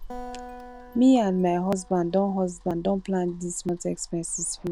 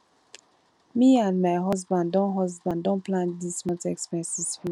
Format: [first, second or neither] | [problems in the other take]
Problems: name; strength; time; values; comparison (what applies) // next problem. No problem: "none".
second | background sound (Acoustic guitar + Engine starting / Car); 18 dB below the speech